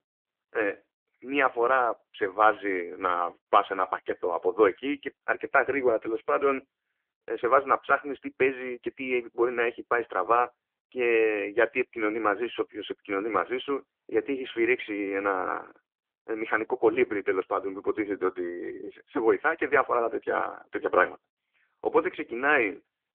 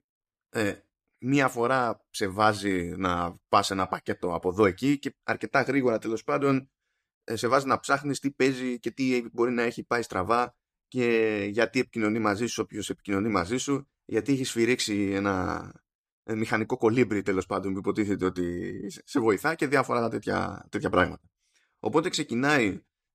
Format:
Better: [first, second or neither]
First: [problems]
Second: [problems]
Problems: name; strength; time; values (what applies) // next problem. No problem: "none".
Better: second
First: phone-call audio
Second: none